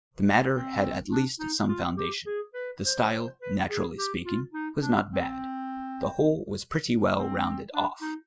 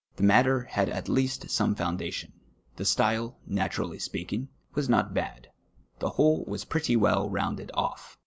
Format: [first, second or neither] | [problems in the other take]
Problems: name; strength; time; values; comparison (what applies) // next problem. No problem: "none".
second | noise reduction (classical method Wiener filter)